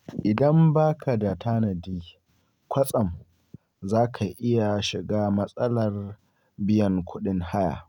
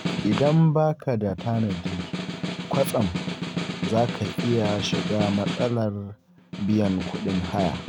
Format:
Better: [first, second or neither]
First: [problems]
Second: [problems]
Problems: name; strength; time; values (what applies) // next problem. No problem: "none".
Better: first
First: none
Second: background sound (Snare drum); 6 dB below the speech